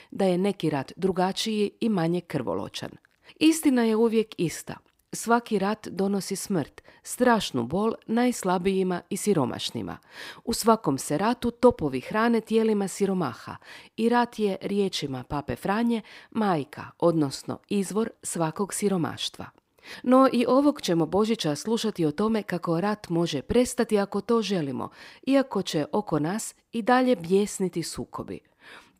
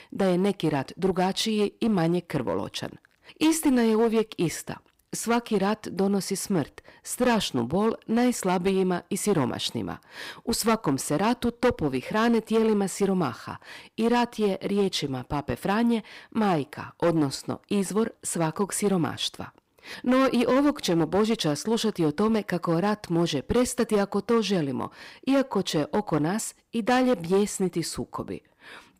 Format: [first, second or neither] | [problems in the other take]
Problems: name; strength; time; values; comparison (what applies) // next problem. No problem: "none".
first | distortion; slight; 6% of the sound clipped